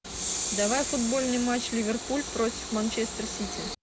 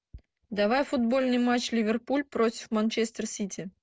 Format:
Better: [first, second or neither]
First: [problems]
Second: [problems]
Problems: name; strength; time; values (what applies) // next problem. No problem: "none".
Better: second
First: background sound (Train); 4 dB below the speech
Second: none